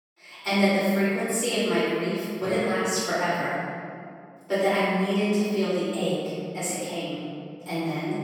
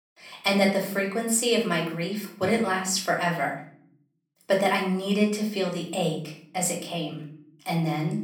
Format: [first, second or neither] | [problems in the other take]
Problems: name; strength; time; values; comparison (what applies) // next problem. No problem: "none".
second | room echo; strong; dies away in 2.2 s; slight in the second // off-mic speech; far; far in the second